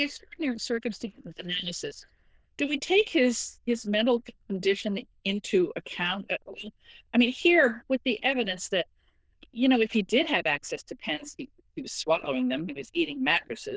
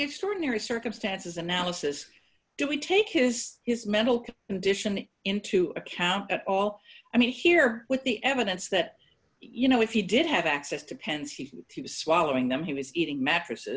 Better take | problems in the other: second | noise reduction (neural diffusion model UNIVERSE++)

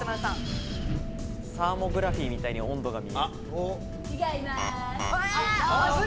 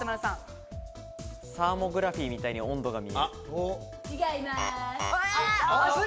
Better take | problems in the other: second | background sound (Wind); 4 dB below the speech

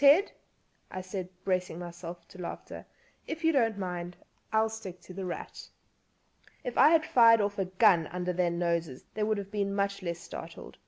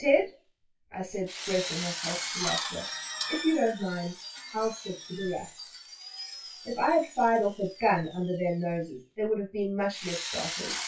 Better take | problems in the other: first | noise reduction (classical method WPE with log-MMSE)

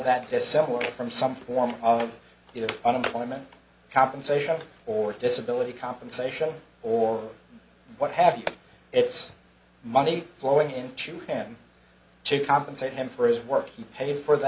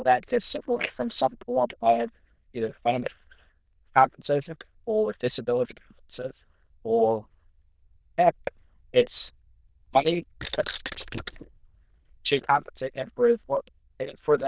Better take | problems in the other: first | noise reduction (neural diffusion model UNIVERSE++)

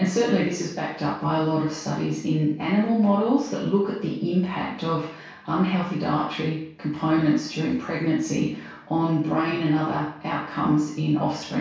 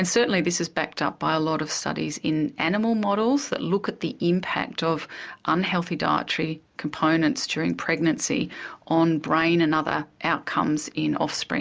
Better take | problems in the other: second | room echo; dies away in 0.6 s

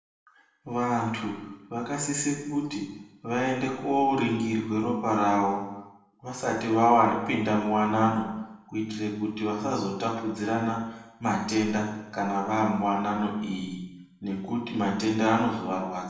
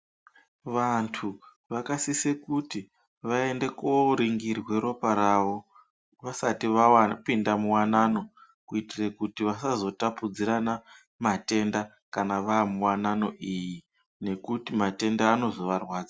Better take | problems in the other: second | room echo; dies away in 0.8 s

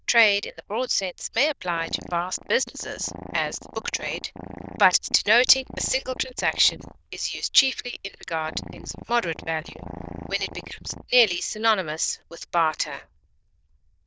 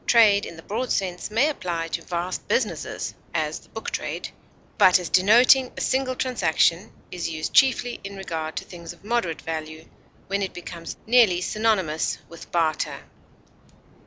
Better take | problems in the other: second | noise reduction (neural diffusion model UNIVERSE++)

